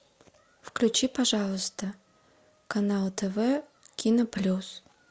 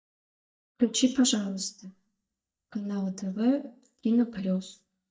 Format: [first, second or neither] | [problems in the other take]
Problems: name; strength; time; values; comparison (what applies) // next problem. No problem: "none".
first | noise reduction (neural mask model DeepFilterNet 3)